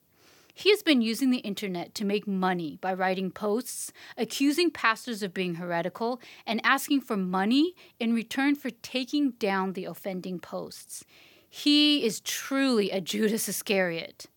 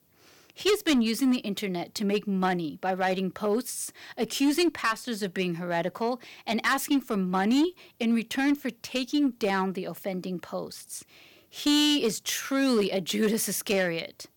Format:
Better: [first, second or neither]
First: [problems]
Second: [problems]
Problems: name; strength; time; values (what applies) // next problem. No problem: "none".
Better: first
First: none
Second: distortion; slight; 4% of the sound clipped